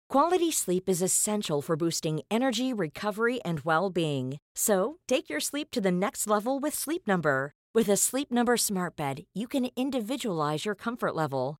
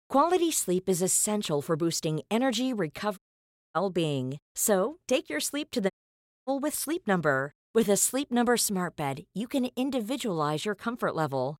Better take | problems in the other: first | audio cutting out; at 3 s for 0.5 s and at 6 s for 0.5 s

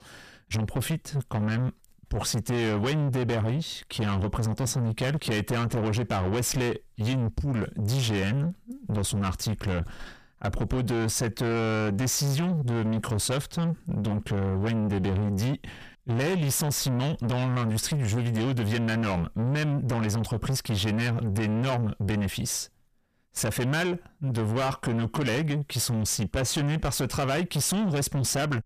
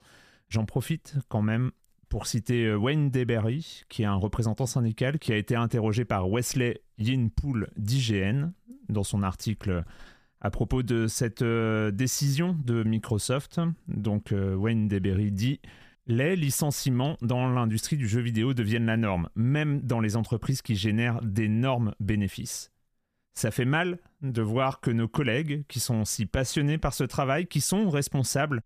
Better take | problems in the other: second | distortion; heavy; 7 dB below the speech

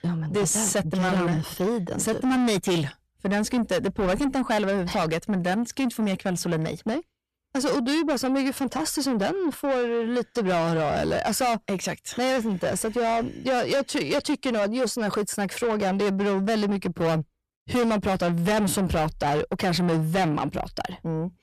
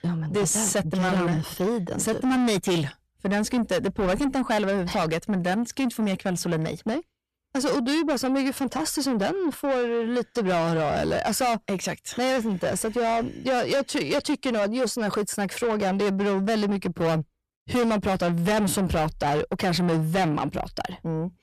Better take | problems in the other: neither | distortion; heavy; 7 dB below the speech; the same in both

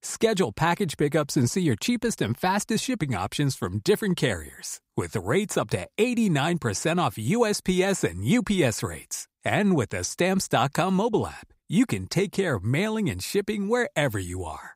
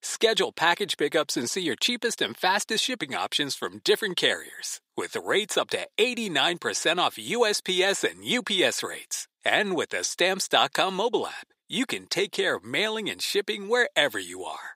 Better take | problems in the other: first | thin; somewhat; fading below 400 Hz

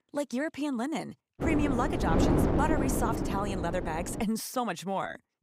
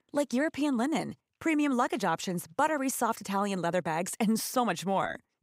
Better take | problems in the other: second | wind noise on the microphone; heavy; from 1.5 to 4 s; 1 dB below the speech

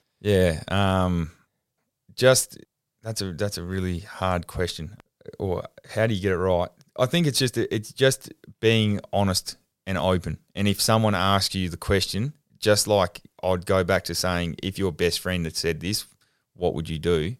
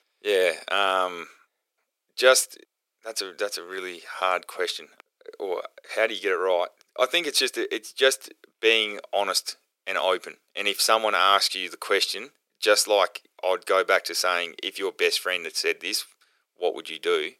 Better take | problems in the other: first | thin; very; fading below 350 Hz

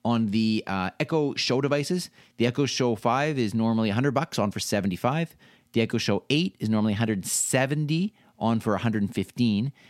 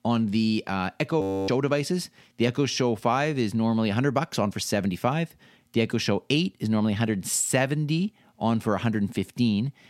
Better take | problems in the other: first | audio freezing; at 1 s

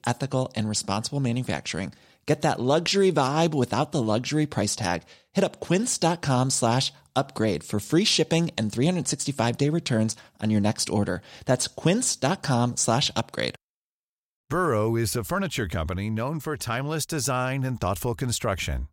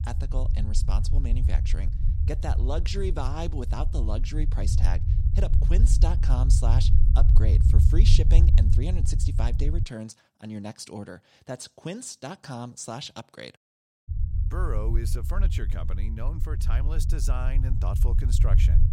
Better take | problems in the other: first | low rumble; loud; until 10 s and from 14 s on; 5 dB below the speech

